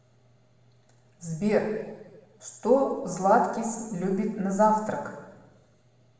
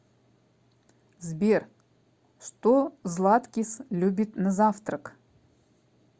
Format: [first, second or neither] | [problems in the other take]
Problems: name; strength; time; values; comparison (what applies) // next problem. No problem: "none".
second | room echo; dies away in 1.1 s